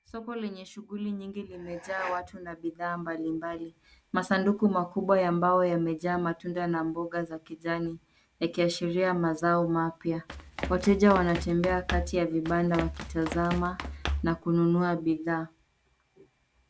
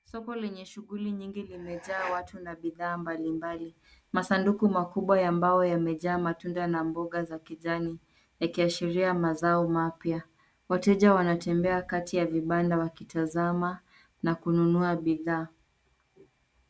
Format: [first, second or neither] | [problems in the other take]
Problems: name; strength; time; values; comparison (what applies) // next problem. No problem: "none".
second | background sound (Run); 7 dB below the speech